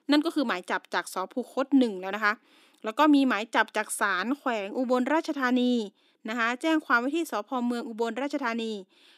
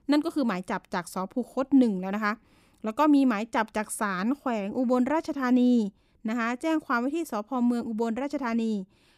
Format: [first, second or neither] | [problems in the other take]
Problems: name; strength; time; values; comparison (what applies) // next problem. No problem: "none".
second | thin; very slightly; fading below 300 Hz